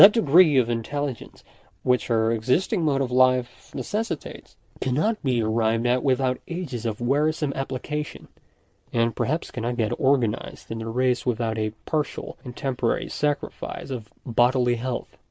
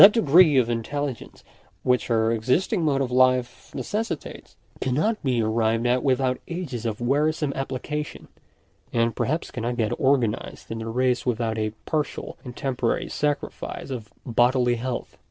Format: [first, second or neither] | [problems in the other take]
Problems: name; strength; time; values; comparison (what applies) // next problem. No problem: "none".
second | noise reduction (neural mask model Resemble Enhance denoiser)